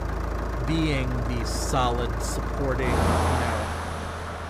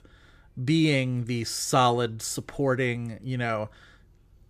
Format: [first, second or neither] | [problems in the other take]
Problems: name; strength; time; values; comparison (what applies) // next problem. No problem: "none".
second | traffic noise; very loud; throughout; 2 dB above the speech